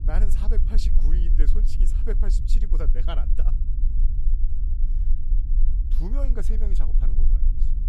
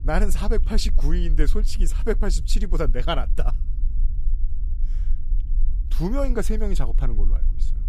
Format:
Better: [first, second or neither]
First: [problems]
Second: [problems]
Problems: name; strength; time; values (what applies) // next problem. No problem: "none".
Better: second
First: low rumble; loud; throughout; 7 dB below the speech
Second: low rumble; faint; throughout; 20 dB below the speech